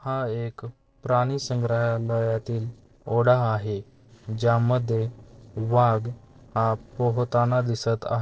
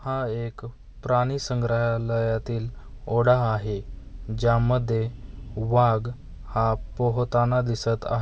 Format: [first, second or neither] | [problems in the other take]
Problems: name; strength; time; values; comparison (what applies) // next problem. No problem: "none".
second | noise reduction (neural separator model SepFormer DNS4)